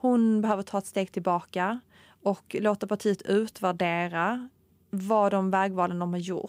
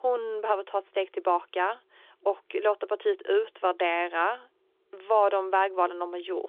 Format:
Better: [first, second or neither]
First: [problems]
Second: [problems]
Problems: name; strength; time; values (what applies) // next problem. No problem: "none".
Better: first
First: none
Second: phone-call audio